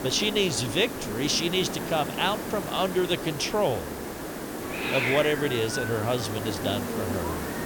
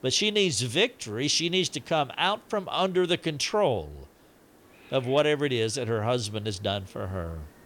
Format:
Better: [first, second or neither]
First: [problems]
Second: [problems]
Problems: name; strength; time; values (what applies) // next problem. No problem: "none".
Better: second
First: hiss; loud; throughout; 5 dB below the speech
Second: hiss; faint; throughout; 30 dB below the speech